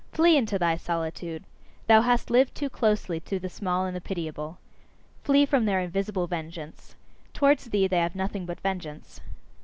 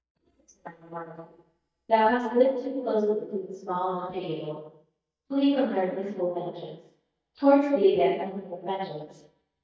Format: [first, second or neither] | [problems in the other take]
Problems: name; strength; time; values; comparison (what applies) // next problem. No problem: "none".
first | noise reduction (neural mask model DeepFilterNet 3)